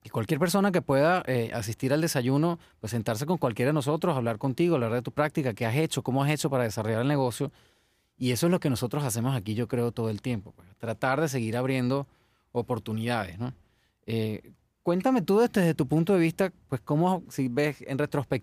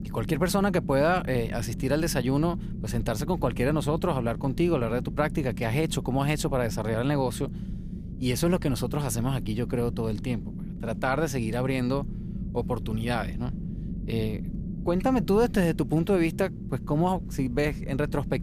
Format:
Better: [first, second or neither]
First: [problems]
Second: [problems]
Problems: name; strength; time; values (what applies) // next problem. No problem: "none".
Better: first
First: none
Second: low rumble; noticeable; throughout; 15 dB below the speech